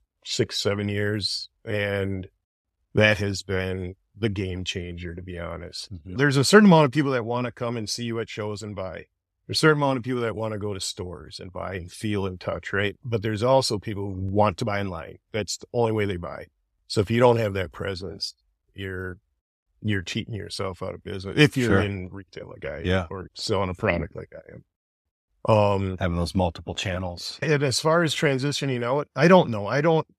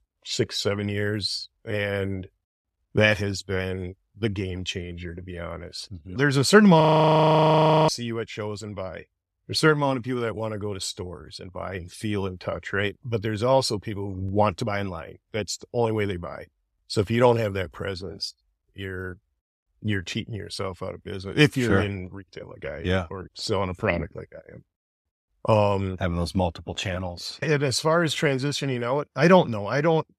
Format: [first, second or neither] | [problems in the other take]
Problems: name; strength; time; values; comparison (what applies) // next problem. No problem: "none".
first | audio freezing; at 7 s for 1 s